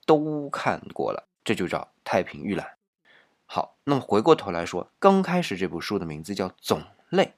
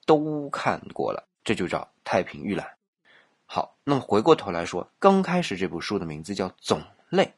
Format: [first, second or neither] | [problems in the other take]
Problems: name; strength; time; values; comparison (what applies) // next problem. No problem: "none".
first | garbled, watery; slightly; nothing above 10.5 kHz